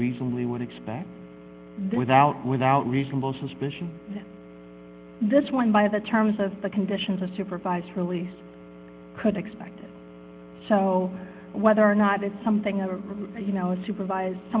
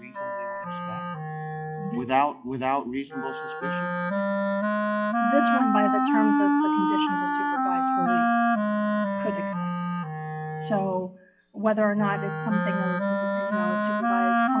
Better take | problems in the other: first | noise reduction (classical method log-MMSE)

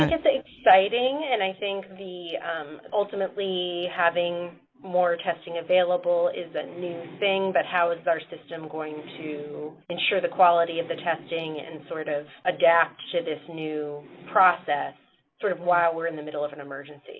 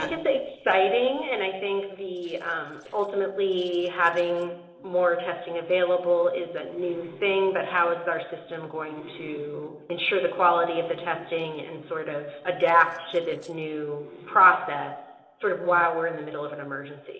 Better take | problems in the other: first | noise reduction (neural separator model SepFormer DNS4)

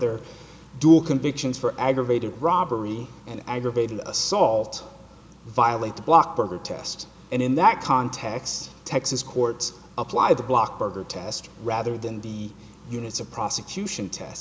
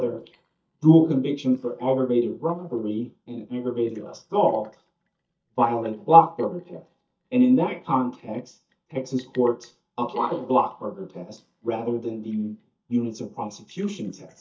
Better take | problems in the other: first | noise reduction (neural mask model DeepFilterNet 3)

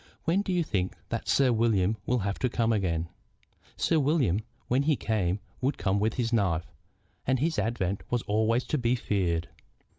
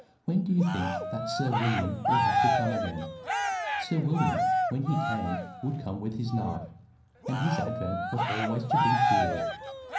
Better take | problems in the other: first | background sound (Cheering); 1 dB above the speech // room echo; dies away in 0.6 s

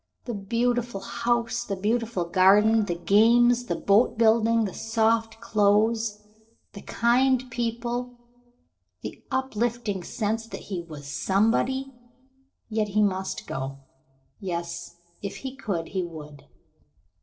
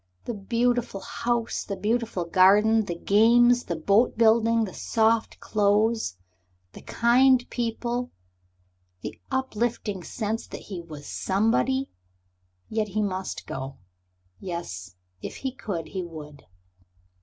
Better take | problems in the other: second | noise reduction (neural separator model SepFormer DNS4)

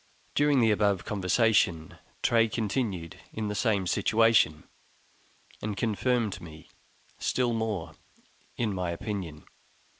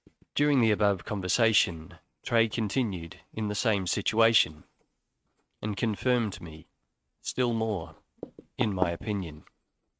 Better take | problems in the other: first | noise reduction (neural mask model RNNoise)

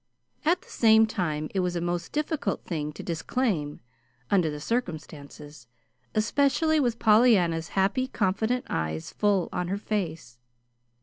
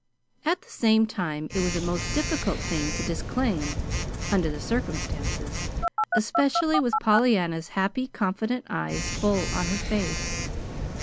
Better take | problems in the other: first | background sound (Telephone); 3 dB below the speech

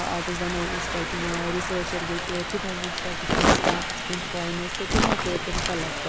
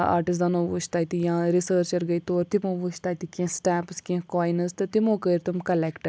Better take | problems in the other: second | background sound (Rain + Crumpling, crinkling); 5 dB above the speech

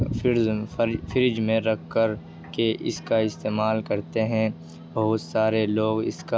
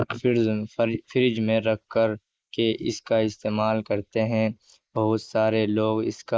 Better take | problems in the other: first | noise reduction (neural mask model Resemble Enhance denoiser)

